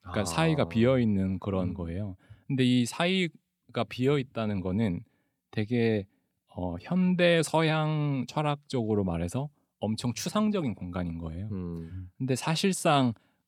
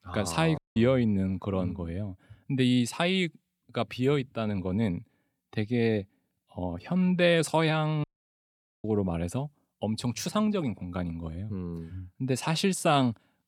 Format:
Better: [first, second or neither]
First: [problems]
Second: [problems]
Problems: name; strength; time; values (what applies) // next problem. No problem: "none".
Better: first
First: none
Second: audio cutting out; at 0.5 s and at 8 s for 1 s